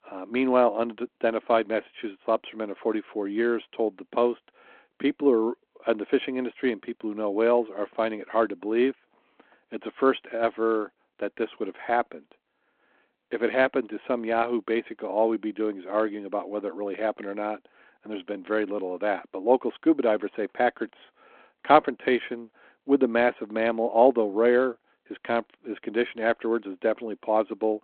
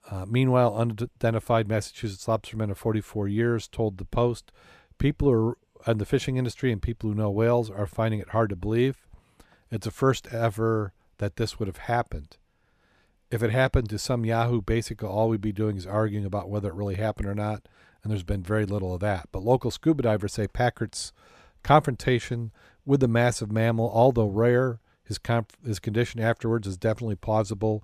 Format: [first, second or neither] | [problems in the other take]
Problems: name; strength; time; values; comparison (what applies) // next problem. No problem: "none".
second | phone-call audio